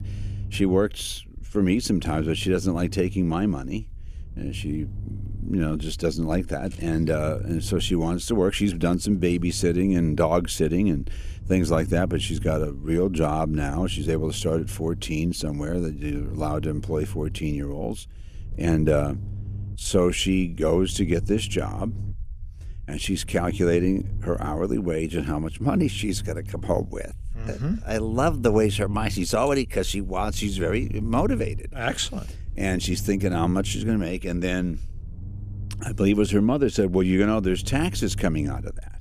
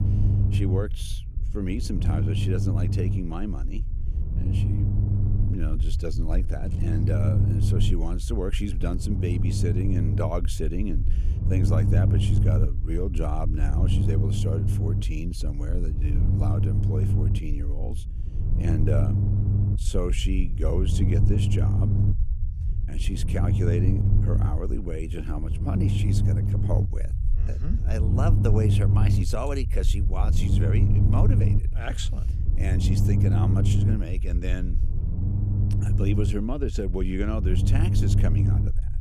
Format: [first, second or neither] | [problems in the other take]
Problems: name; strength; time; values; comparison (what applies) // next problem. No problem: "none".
first | low rumble; loud; throughout; 2 dB below the speech; faint in the first